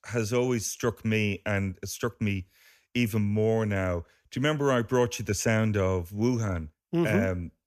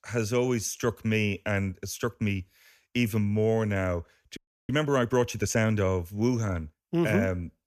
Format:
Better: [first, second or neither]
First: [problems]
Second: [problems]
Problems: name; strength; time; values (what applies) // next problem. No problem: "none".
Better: first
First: none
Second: audio freezing; at 4.5 s